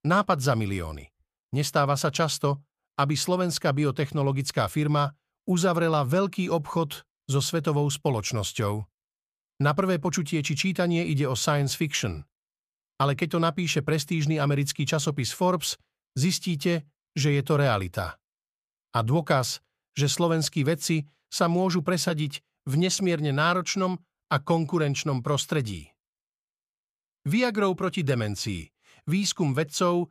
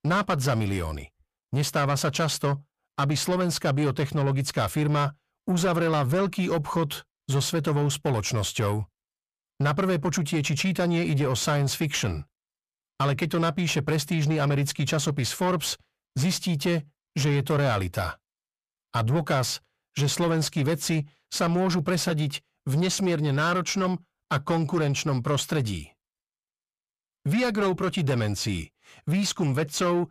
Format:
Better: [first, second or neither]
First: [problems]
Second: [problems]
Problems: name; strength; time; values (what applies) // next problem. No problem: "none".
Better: first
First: none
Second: distortion; slight; 10 dB below the speech